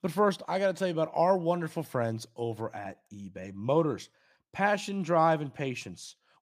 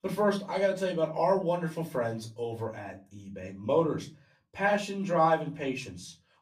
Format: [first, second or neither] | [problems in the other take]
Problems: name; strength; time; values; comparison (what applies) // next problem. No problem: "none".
first | off-mic speech; far // room echo; very slight; dies away in 0.3 s